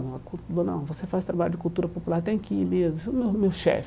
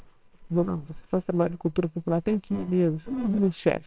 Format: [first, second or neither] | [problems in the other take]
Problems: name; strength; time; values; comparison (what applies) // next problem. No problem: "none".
first | noise reduction (neural separator model SepFormer WHAMR!)